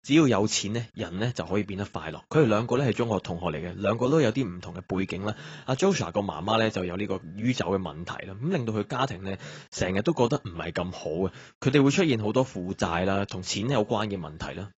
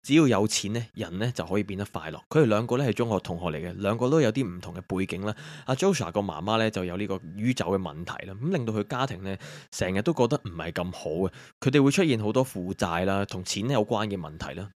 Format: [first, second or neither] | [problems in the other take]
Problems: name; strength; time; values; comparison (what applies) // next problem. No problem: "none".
second | garbled, watery; badly; nothing above 7.5 kHz